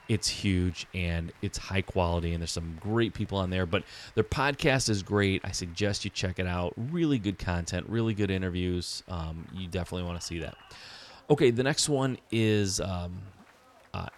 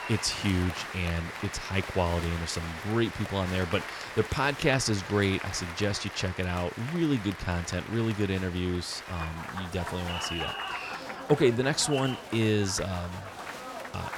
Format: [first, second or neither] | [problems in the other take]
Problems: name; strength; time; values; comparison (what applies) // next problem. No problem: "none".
first | crowd noise; loud; throughout; 8 dB below the speech; faint in the first